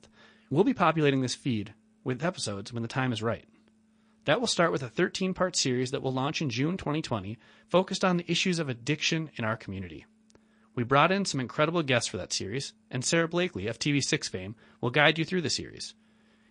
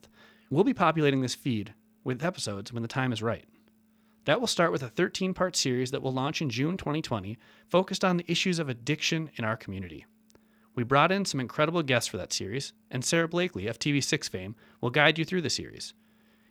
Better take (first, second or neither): second